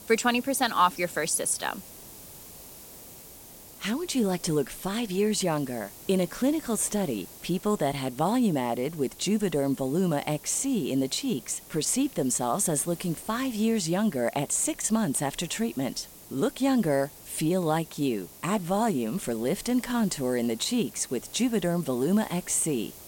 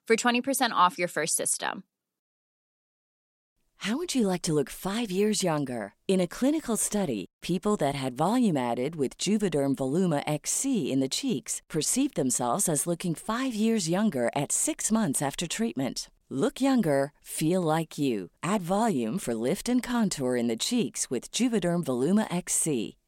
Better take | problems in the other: second | hiss; noticeable; throughout; 20 dB below the speech

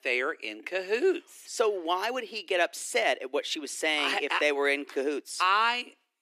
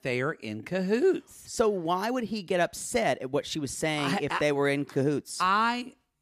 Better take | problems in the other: second | thin; somewhat; fading below 300 Hz

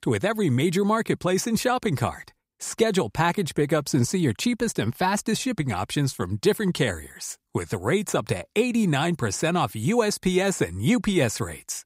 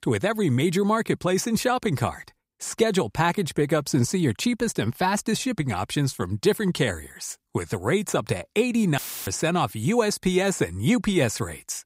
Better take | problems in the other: first | audio cutting out; filled with static; at 9 s

